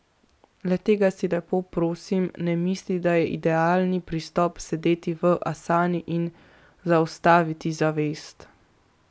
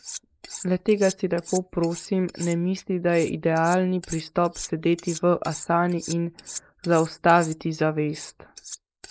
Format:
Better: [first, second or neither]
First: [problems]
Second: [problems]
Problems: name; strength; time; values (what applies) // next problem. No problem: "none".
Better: first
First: none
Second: noise reduction (neural mask model Resemble Enhance denoiser)